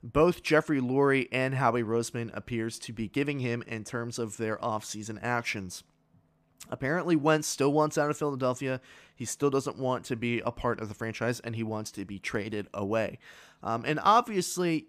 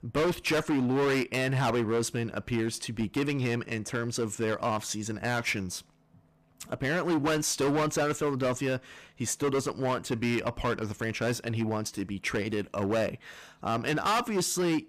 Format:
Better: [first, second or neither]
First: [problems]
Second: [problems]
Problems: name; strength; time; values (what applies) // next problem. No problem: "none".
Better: first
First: none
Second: distortion; heavy; 14% of the sound clipped